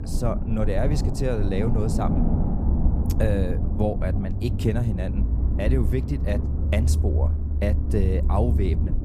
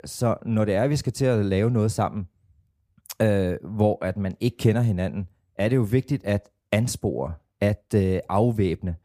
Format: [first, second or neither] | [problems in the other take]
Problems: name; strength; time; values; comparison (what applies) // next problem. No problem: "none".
second | low rumble; loud; throughout; 6 dB below the speech